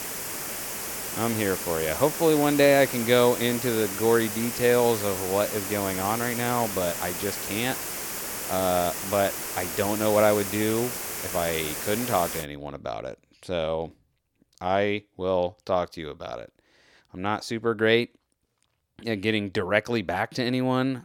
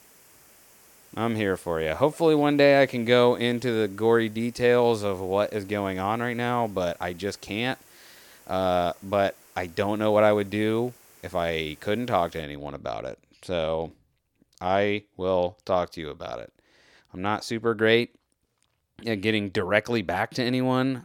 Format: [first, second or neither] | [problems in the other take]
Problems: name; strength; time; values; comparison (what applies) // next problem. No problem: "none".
second | hiss; loud; until 12 s; 5 dB below the speech; faint in the second